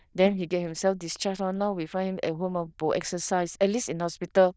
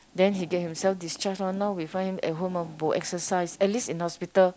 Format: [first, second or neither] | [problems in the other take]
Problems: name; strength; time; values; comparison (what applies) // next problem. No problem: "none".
second | noise reduction (neural diffusion model UNIVERSE++)